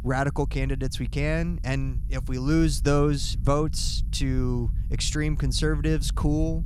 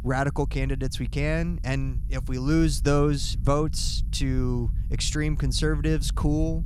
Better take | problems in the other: neither | low rumble; faint; throughout; 20 dB below the speech; the same in both

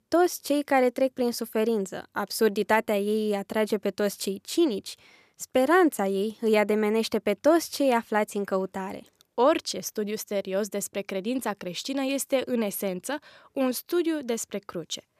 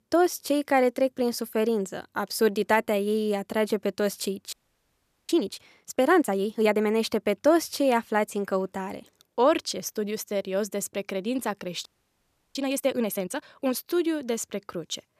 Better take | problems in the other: first | audio freezing; at 4.5 s for 1 s and at 12 s for 0.5 s

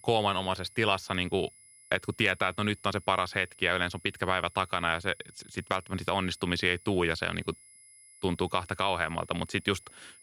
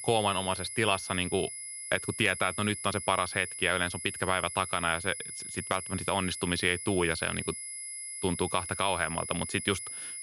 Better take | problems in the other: first | high-pitched whine; loud; throughout; 10.5 kHz, 7 dB below the speech; faint in the first

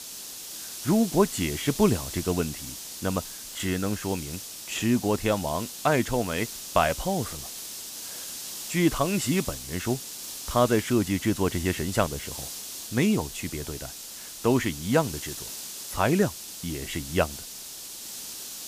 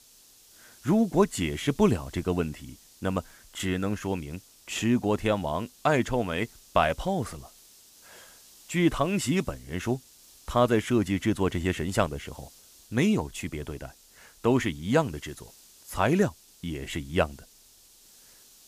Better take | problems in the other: second | hiss; loud; throughout; 9 dB below the speech; faint in the second

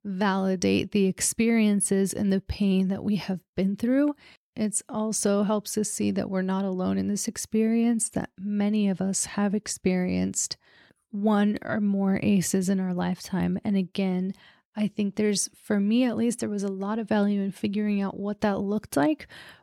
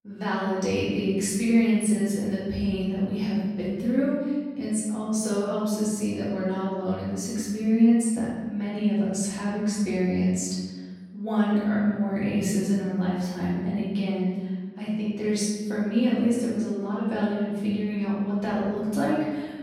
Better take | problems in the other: first | room echo; strong; dies away in 1.3 s // off-mic speech; far

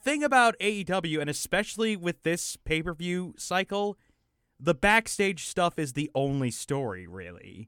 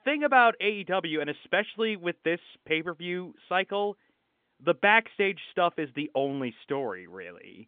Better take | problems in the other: first | phone-call audio; nothing above 3.5 kHz

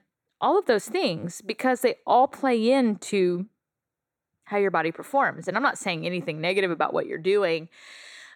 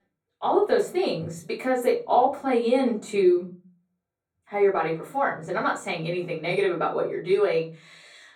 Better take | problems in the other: first | off-mic speech; far // room echo; slight; dies away in 0.4 s

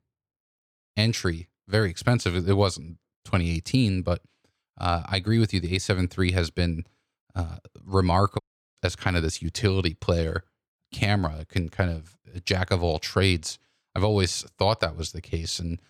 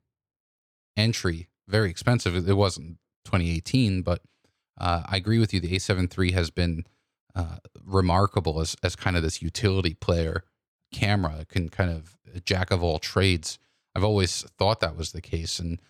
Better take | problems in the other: second | audio cutting out; at 8.5 s

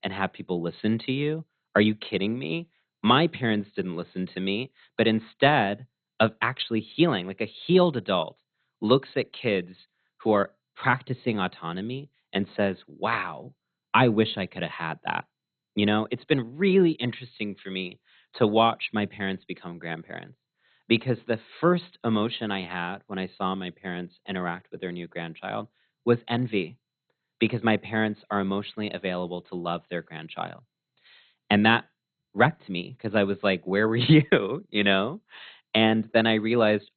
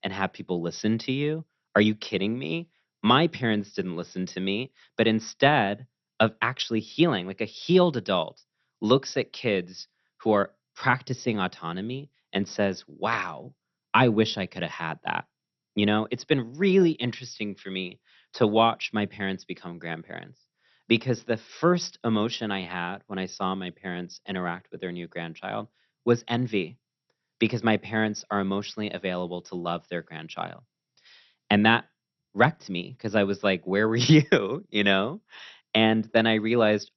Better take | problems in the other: second | garbled, watery; badly; nothing above 4 kHz; slightly in the second

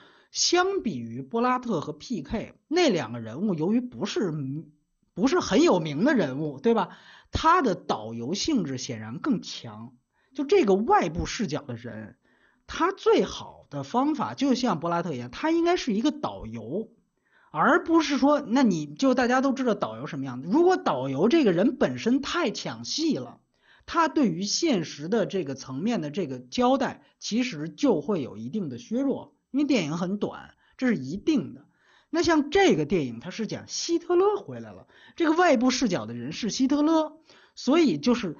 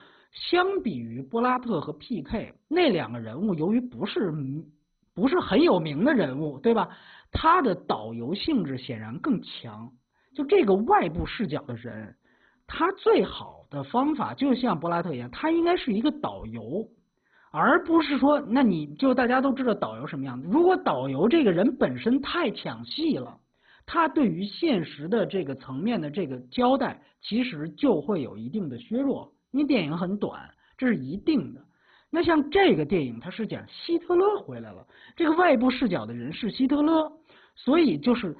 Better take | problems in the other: first | garbled, watery; badly; nothing above 4 kHz; slightly in the first

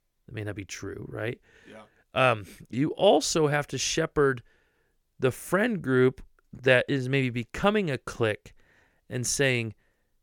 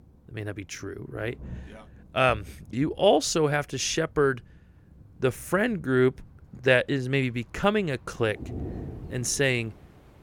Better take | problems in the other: first | rain or running water; noticeable; throughout; 20 dB below the speech

